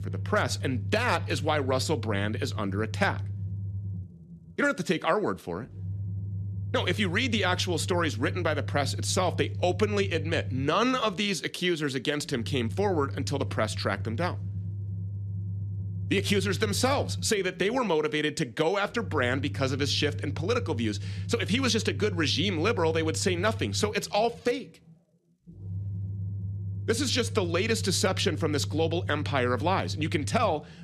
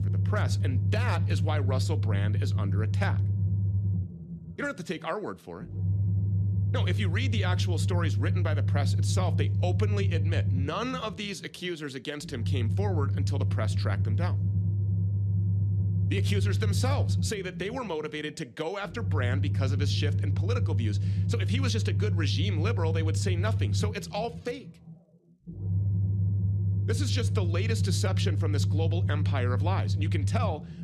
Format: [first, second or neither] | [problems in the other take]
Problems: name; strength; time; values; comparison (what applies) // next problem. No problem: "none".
first | low rumble; loud; throughout; 7 dB below the speech; faint in the first